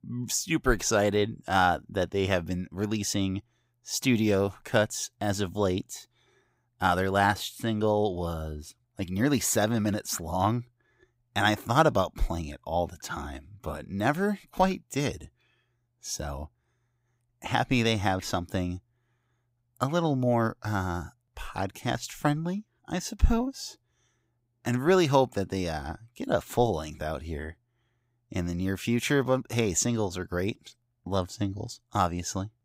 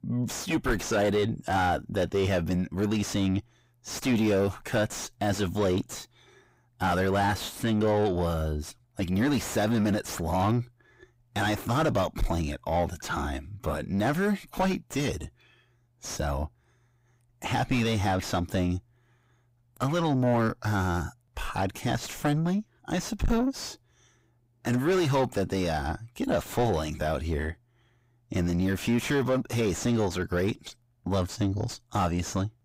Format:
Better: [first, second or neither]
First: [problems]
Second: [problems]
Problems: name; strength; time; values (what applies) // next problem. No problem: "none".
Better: first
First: none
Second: distortion; heavy; 5 dB below the speech